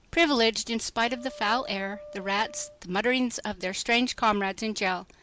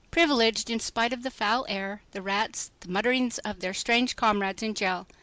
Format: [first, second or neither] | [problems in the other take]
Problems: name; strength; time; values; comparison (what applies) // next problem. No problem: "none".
second | background sound (Wind instrument, woodwind instrument); 19 dB below the speech